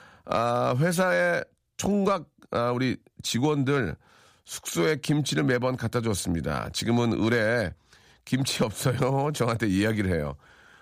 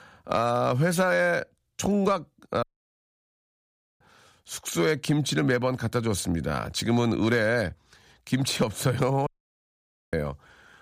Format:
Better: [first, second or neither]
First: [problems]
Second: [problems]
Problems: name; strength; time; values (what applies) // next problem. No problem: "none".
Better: first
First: none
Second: audio cutting out; at 2.5 s for 1.5 s and at 9.5 s for 1 s